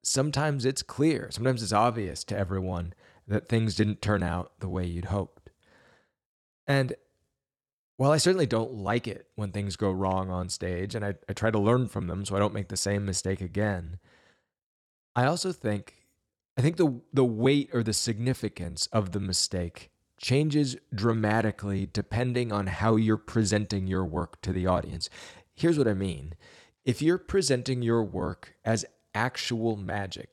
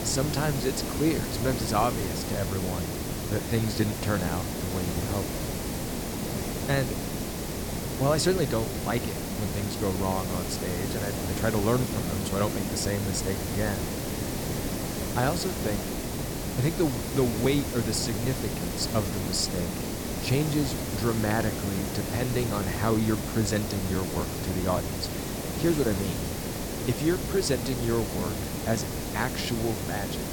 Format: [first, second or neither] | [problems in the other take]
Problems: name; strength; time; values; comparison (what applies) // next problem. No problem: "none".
first | hiss; loud; throughout; 2 dB below the speech